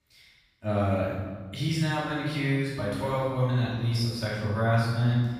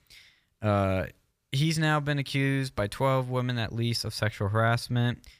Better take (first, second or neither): second